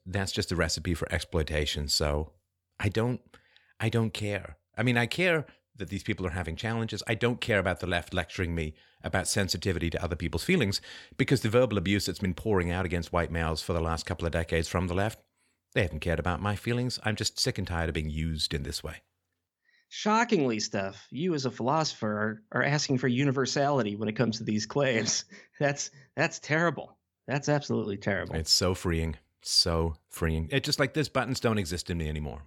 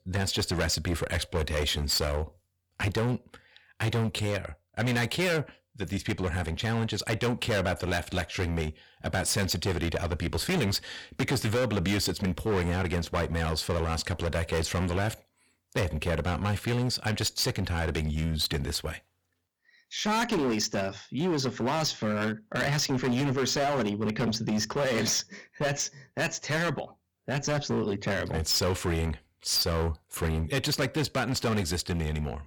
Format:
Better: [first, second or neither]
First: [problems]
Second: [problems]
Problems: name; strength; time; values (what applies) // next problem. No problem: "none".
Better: first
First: none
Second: distortion; heavy; 16% of the sound clipped